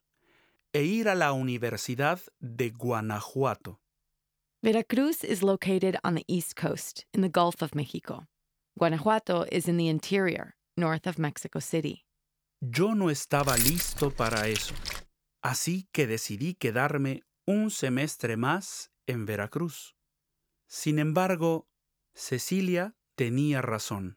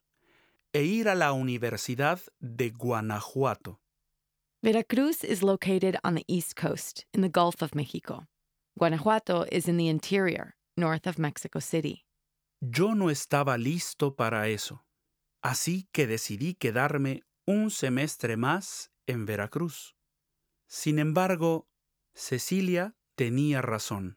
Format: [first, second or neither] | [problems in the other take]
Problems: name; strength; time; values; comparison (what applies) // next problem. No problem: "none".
second | jangling keys; loud; from 13 to 15 s; peak 5 dB above the speech